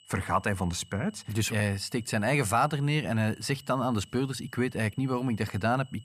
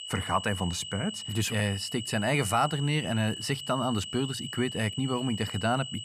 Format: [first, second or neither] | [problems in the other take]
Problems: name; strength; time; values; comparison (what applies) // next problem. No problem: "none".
first | high-pitched whine; loud; throughout; 3 kHz, 8 dB below the speech; faint in the first